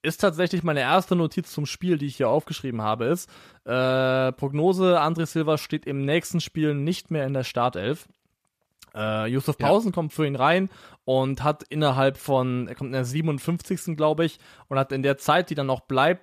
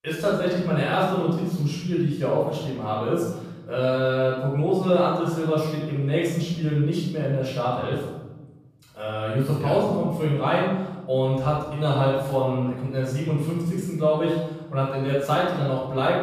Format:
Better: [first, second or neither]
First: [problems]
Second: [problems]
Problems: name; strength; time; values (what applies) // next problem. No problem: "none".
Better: first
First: none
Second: off-mic speech; far // room echo; strong; dies away in 1.1 s